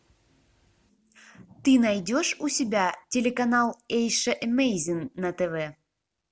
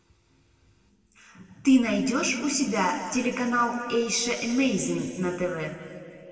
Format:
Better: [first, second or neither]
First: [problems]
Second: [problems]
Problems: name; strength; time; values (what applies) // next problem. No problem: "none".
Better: first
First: none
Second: room echo; dies away in 2.3 s